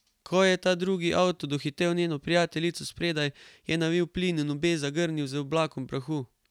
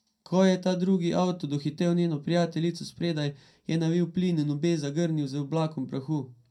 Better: first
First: none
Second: room echo; dies away in 0.2 s

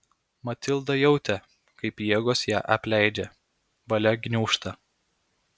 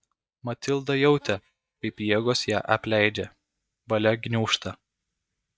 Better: first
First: none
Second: noise reduction (neural mask model DeepFilterNet 3)

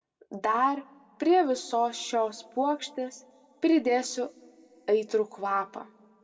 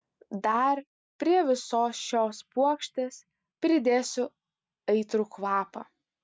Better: second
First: room echo; dies away in 1.5 s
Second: none

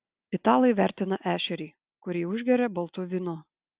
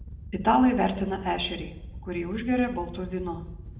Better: first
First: none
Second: background sound (Wind / Boat, Water vehicle); 13 dB below the speech // room echo; dies away in 0.6 s

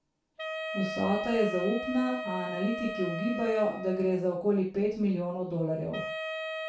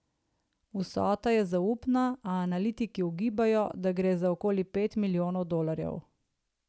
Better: second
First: background sound (Wind instrument, woodwind instrument); 7 dB below the speech // room echo; dies away in 0.3 s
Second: none

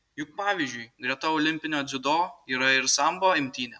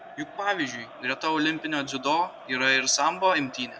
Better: first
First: none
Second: background sound (Crowd); 17 dB below the speech

